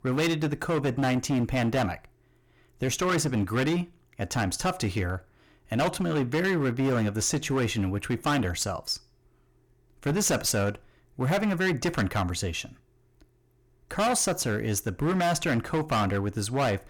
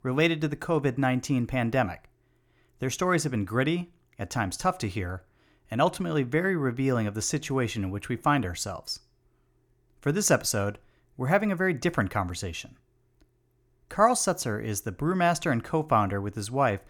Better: second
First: distortion; heavy; 14% of the sound clipped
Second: none

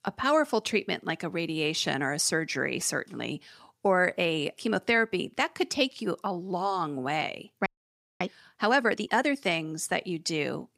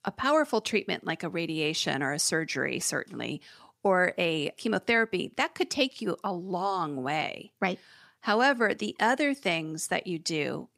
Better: second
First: audio freezing; at 7.5 s for 0.5 s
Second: none

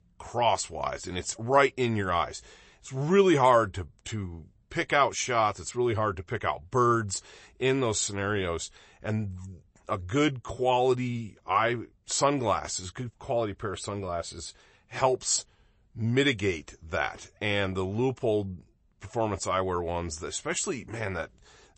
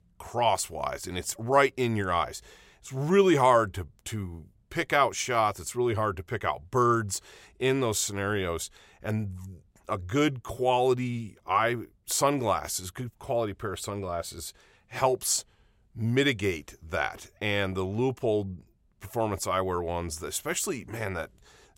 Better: second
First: garbled, watery; slightly; nothing above 8 kHz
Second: none

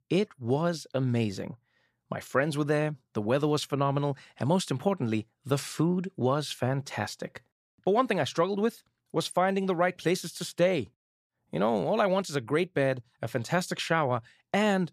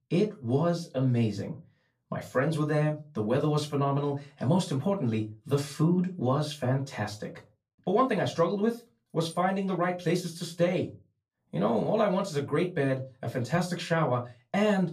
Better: first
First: none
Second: off-mic speech; far // room echo; very slight; dies away in 0.2 s

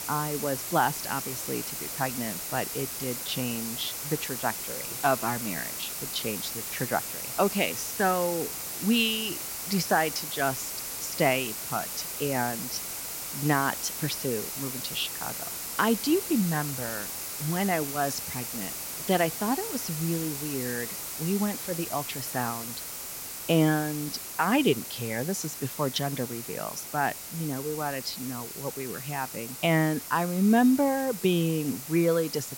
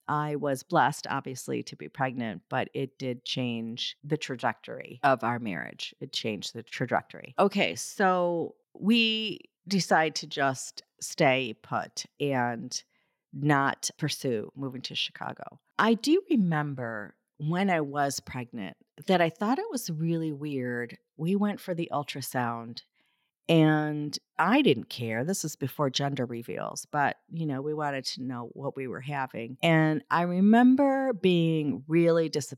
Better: second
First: hiss; loud; throughout; 4 dB below the speech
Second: none

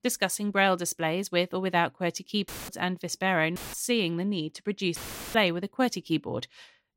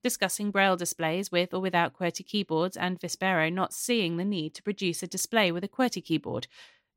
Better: second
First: audio cutting out; filled with static; at 2.5 s, at 3.5 s and at 5 s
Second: none

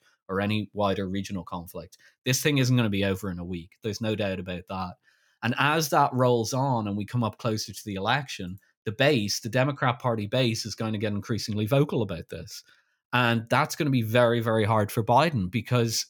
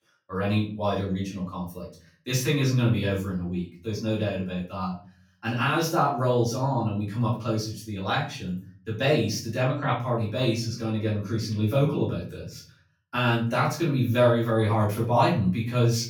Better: first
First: none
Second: off-mic speech; far // room echo; slight; dies away in 0.4 s

